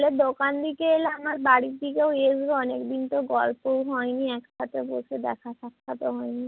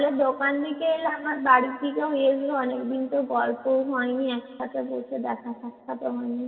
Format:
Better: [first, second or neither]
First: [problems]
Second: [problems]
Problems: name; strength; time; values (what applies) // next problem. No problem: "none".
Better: first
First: none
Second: room echo; dies away in 1.8 s